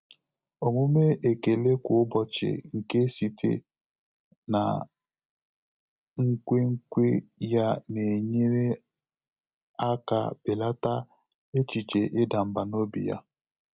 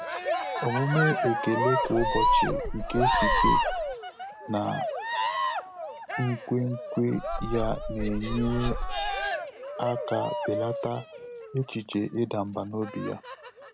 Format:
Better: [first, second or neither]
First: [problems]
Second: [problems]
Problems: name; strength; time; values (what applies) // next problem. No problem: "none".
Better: first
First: none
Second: background sound (Cheering + Meow); 1 dB above the speech